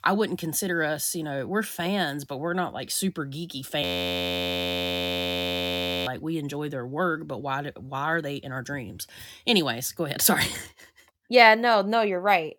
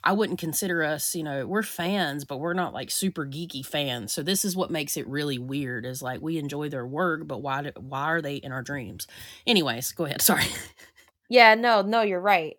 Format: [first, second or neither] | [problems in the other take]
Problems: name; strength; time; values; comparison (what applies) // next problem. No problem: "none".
second | audio freezing; at 4 s for 2 s